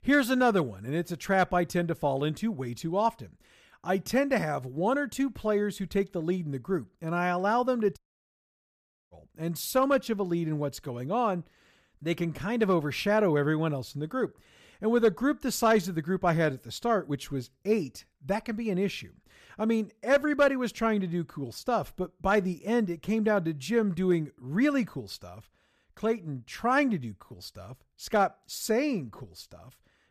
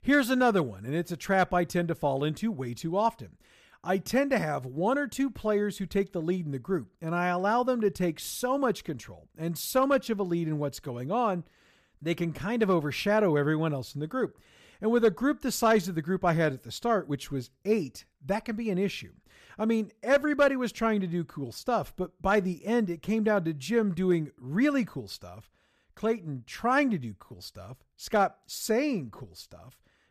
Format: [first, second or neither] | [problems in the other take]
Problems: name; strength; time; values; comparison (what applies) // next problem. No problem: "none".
second | audio cutting out; at 8 s for 1 s